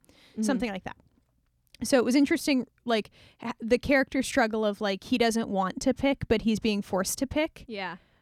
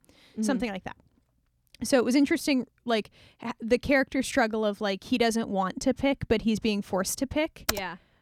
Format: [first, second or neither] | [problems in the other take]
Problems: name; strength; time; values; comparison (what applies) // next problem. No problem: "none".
first | keyboard typing; noticeable; at 7.5 s; peak 4 dB below the speech